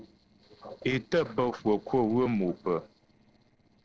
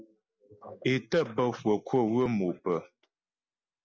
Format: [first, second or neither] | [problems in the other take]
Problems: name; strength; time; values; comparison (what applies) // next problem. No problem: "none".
second | noise reduction (neural separator model SepFormer DNS4)